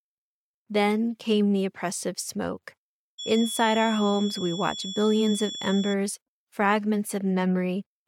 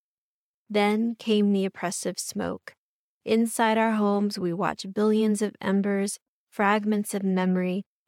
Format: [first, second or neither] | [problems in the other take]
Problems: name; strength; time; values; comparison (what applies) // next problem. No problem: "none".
second | high-pitched whine; loud; from 3 to 6 s; 3.5 kHz, 8 dB below the speech